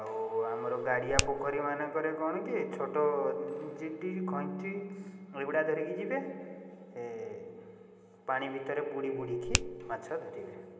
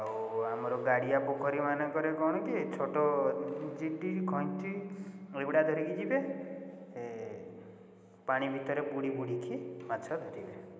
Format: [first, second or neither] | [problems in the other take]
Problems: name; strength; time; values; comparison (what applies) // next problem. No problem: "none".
second | background sound (Finger snapping); as loud as the speech // room echo; dies away in 0.5 s